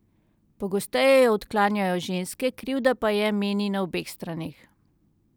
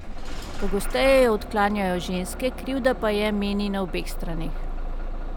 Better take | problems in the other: first | background sound (Engine starting / Bus); 5 dB below the speech

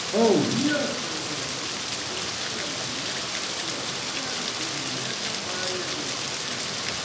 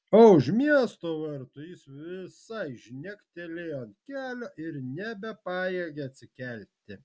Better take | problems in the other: second | background sound (Rain); 1 dB above the speech // room echo; dies away in 0.9 s

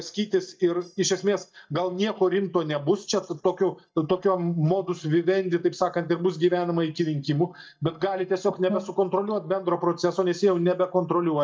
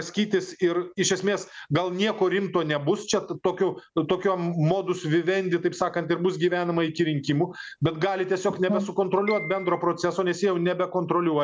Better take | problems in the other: second | noise reduction (neural mask model DeepFilterNet 3)

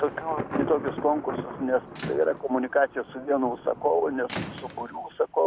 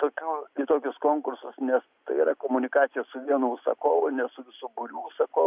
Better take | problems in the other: second | background sound (Thunder + Squeak / Rattle / Slam); 10 dB below the speech

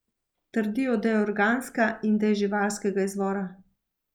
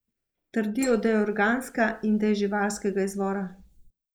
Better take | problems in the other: first | noise reduction (neural mask model Resemble Enhance denoiser)

